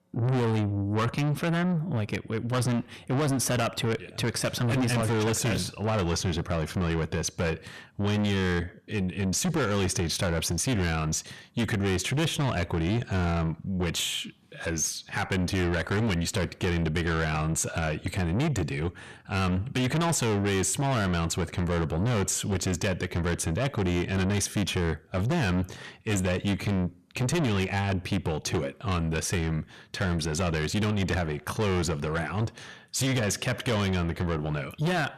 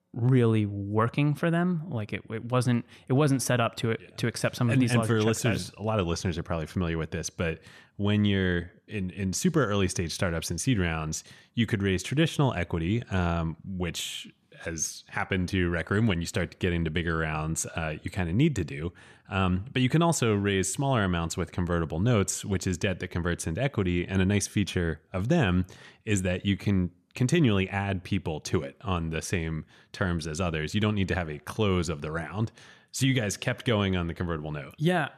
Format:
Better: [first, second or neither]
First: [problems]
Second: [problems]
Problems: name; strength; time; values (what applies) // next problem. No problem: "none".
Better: second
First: distortion; heavy; 6 dB below the speech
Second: none